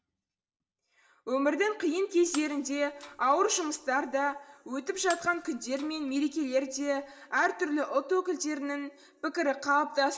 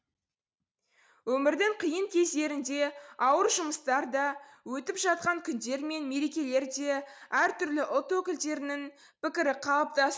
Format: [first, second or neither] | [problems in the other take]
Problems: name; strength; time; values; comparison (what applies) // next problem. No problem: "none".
second | background sound (Shatter); 19 dB below the speech // room echo; dies away in 0.6 s